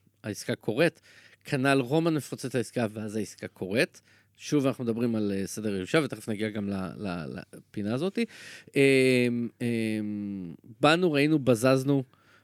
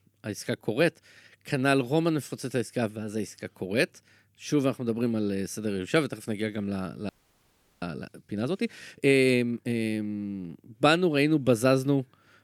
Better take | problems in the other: first | audio freezing; at 7 s for 0.5 s

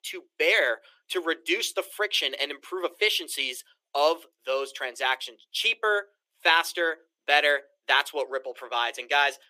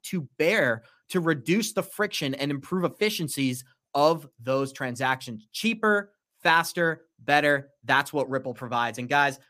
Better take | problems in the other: second | thin; very; fading below 350 Hz

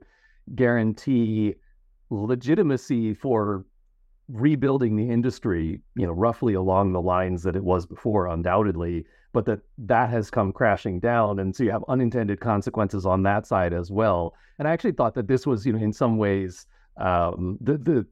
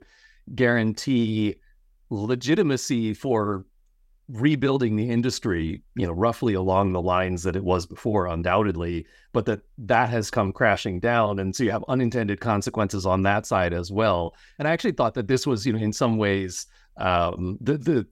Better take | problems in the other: second | muffled; slightly; fading above 2 kHz

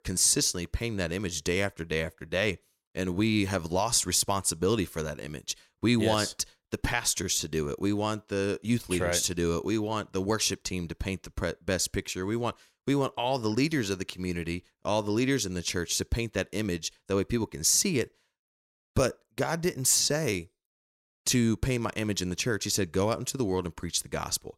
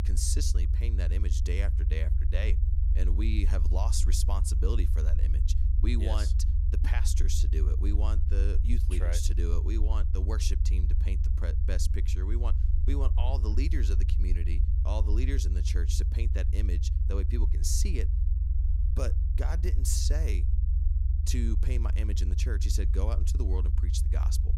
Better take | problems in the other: first | low rumble; loud; throughout; 7 dB below the speech

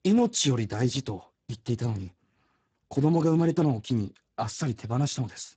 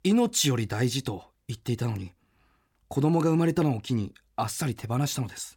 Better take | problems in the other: second | garbled, watery; badly; nothing above 7.5 kHz

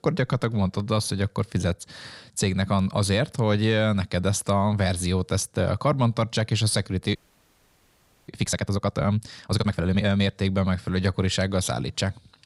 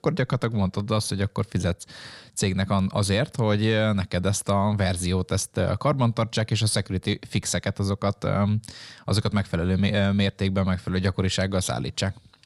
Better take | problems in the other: second | audio freezing; at 7 s for 1 s

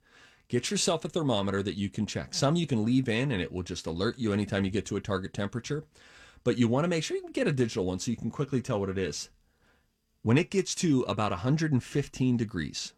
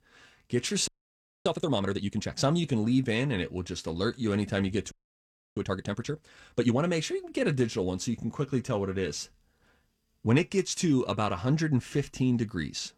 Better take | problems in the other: first | audio freezing; at 1 s for 0.5 s and at 5 s for 0.5 s

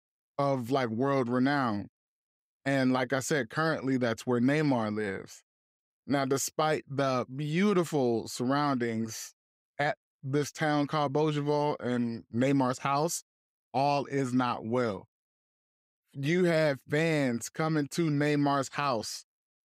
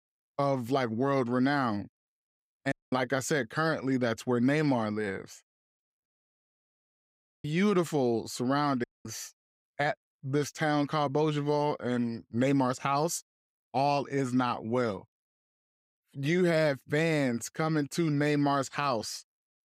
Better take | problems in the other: first | audio cutting out; at 2.5 s, at 6 s for 1.5 s and at 9 s

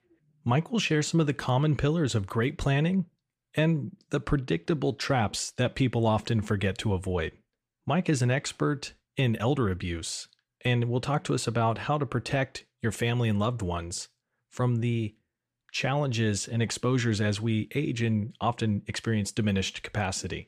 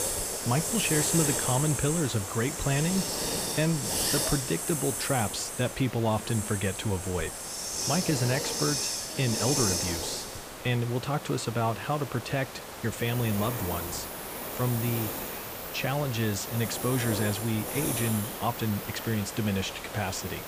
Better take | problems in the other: first | hiss; loud; throughout; 1 dB below the speech

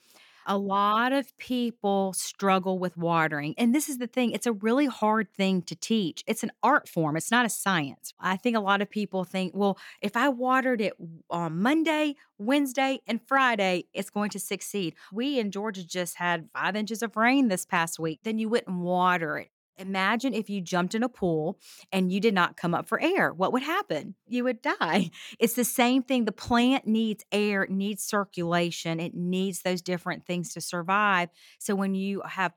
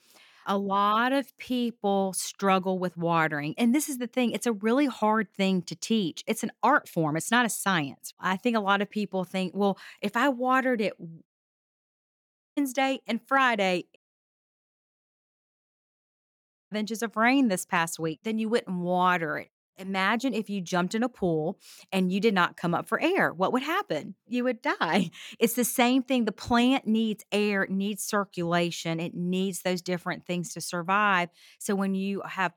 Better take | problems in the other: first | audio cutting out; at 11 s for 1.5 s and at 14 s for 3 s

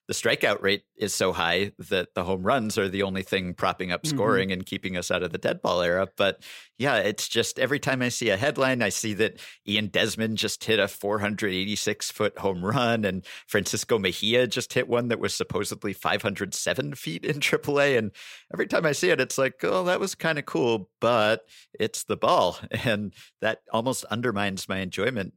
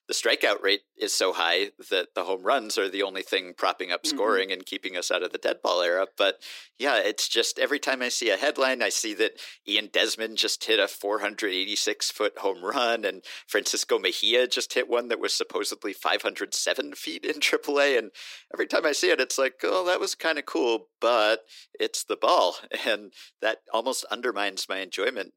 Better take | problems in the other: first | thin; somewhat; fading below 300 Hz

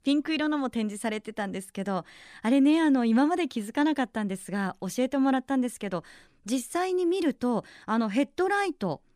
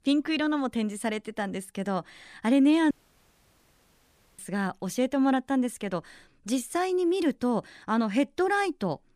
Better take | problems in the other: first | audio cutting out; at 3 s for 1.5 s

